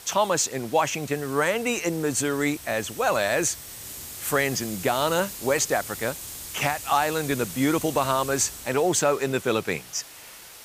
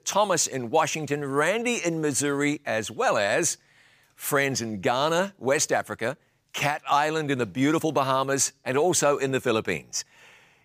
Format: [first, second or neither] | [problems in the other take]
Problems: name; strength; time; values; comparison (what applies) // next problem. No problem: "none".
second | hiss; noticeable; throughout; 10 dB below the speech